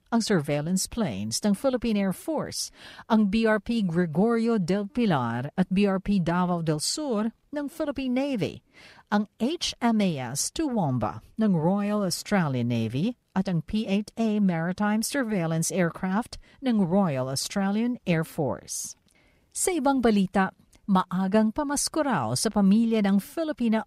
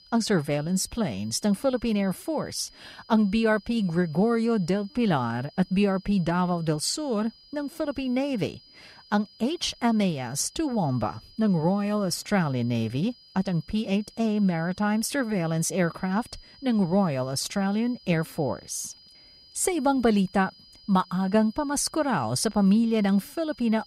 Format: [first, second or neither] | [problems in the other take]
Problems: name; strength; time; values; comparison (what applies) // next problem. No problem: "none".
first | high-pitched whine; faint; throughout; 5 kHz, 25 dB below the speech